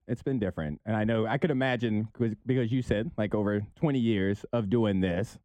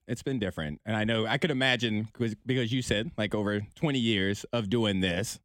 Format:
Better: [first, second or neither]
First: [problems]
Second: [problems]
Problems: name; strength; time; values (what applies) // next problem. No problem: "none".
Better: second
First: muffled; slightly; fading above 2 kHz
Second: none